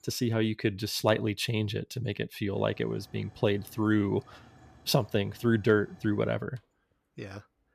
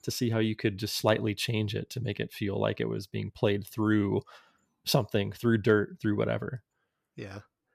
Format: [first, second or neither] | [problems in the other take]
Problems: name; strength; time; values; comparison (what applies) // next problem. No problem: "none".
second | hiss; faint; from 2.5 s on; 25 dB below the speech